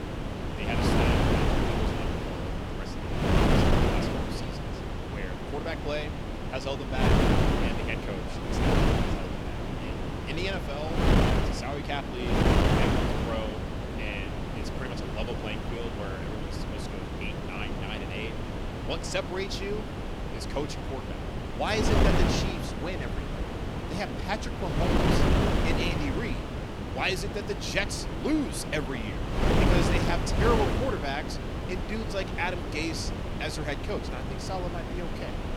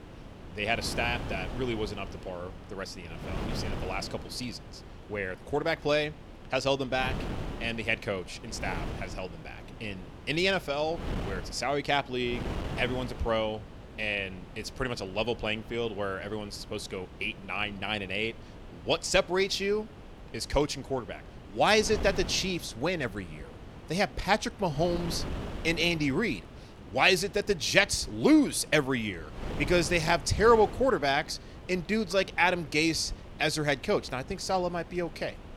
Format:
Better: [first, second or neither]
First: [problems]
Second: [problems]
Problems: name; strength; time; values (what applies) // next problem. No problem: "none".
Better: second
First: wind noise on the microphone; heavy; 2 dB above the speech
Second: wind noise on the microphone; occasional gusts; 15 dB below the speech